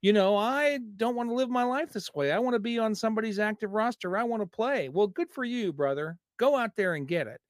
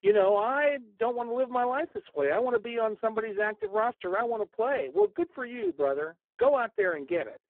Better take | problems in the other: first | phone-call audio; poor line

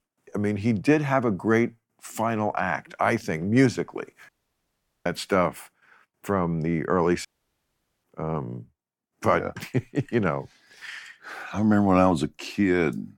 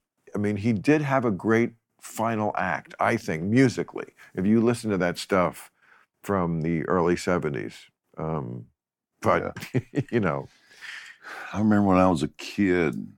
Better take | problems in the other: second | audio cutting out; at 4.5 s for 1 s and at 7.5 s for 1 s

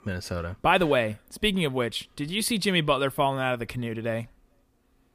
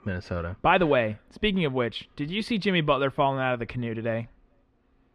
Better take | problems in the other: first | muffled; slightly; fading above 3 kHz

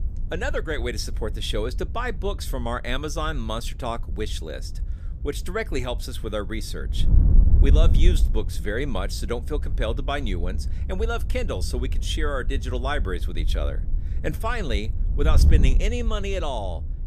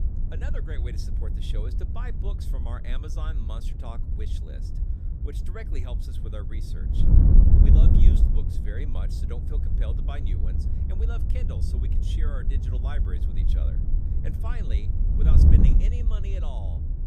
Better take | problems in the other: first | wind noise on the microphone; heavy; 2 dB above the speech; occasional gusts in the first

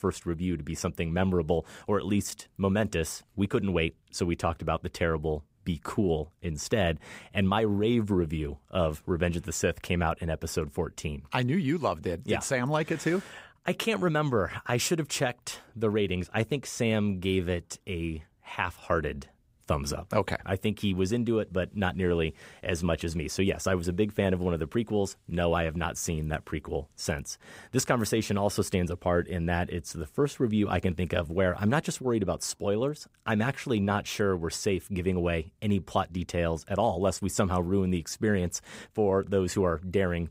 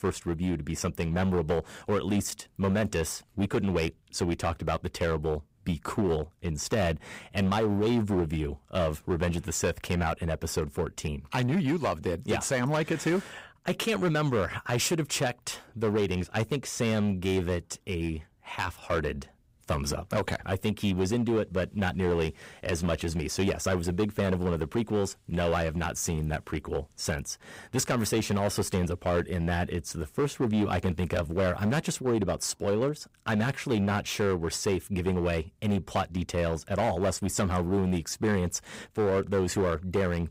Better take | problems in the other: first | distortion; slight; 8% of the sound clipped

